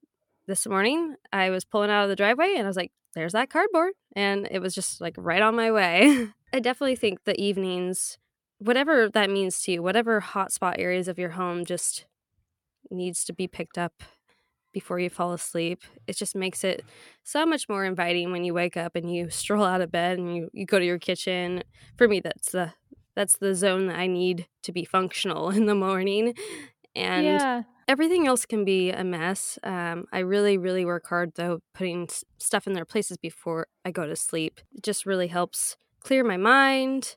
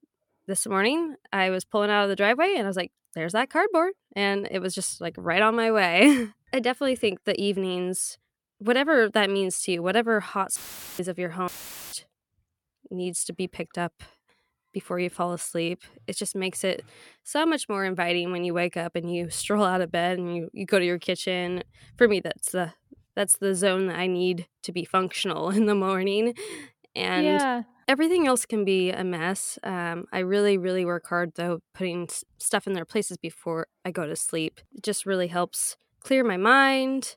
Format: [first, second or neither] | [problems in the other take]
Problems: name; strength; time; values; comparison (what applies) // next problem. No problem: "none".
first | audio cutting out; filled with static; at 11 s